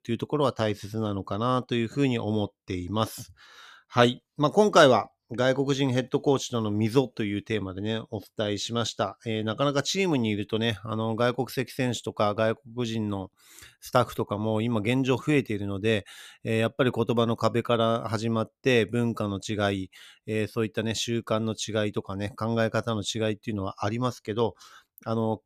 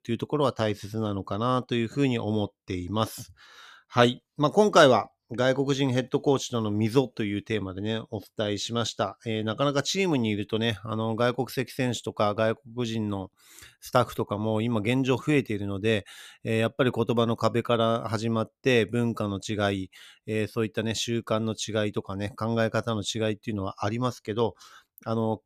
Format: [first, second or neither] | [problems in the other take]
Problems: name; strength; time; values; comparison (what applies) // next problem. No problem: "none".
neither | none